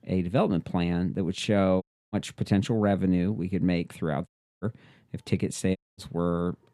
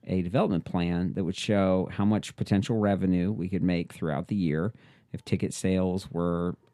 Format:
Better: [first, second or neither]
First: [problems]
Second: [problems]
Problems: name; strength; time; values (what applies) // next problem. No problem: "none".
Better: second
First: audio cutting out; at 2 s, at 4.5 s and at 6 s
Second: none